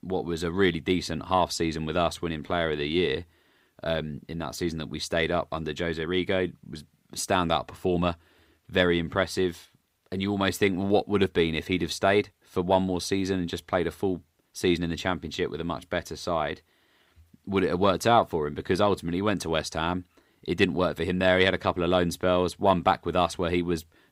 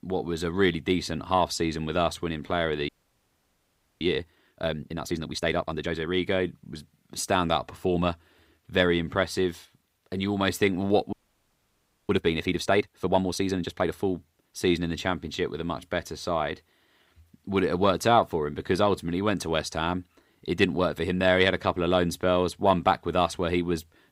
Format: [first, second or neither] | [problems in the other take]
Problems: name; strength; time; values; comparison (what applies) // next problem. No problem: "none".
first | audio freezing; at 3 s for 1 s and at 11 s for 1 s